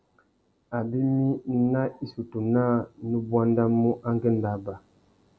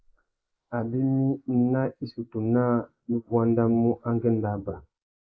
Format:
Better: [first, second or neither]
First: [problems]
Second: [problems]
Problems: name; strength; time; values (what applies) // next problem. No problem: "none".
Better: first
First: none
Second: noise reduction (neural mask model Resemble Enhance denoiser)